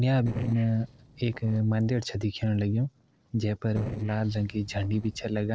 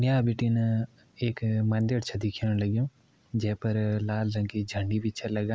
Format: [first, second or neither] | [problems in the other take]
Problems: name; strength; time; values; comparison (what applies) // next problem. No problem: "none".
second | noise reduction (neural separator model SepFormer DNS4)